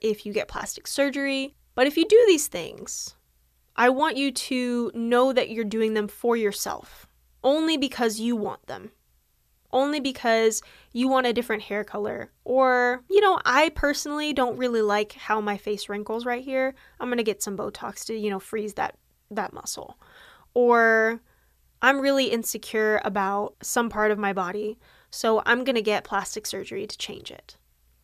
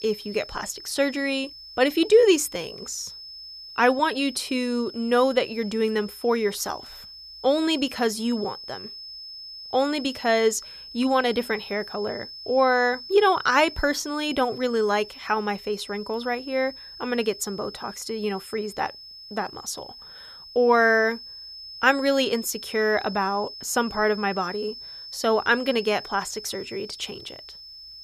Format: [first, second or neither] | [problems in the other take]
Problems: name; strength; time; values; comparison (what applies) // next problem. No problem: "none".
first | high-pitched whine; noticeable; throughout; 5 kHz, 15 dB below the speech